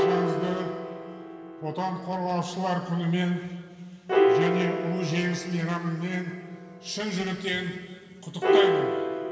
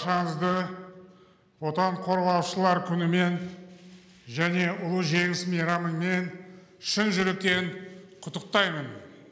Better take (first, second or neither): second